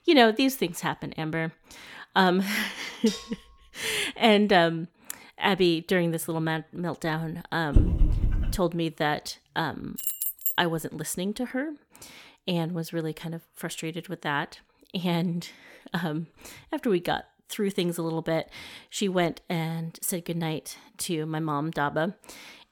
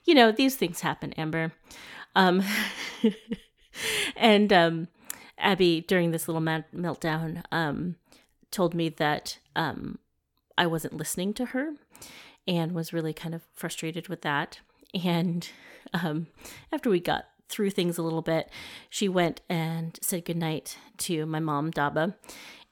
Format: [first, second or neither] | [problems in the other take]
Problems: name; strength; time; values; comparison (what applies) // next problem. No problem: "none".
second | clattering dishes; noticeable; at 3 s; peak 9 dB below the speech // dog barking; loud; at 8 s; peak 3 dB above the speech // jangling keys; loud; at 10 s; peak 1 dB above the speech